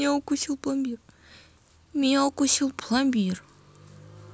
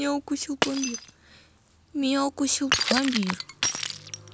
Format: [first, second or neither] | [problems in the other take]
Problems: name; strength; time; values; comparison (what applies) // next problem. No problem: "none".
first | background sound (Shatter); 3 dB below the speech